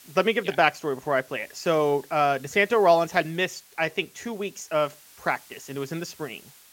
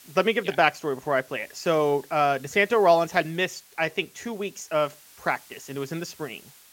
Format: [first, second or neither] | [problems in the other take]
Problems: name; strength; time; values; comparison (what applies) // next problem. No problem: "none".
neither | hiss; faint; throughout; 25 dB below the speech; the same in both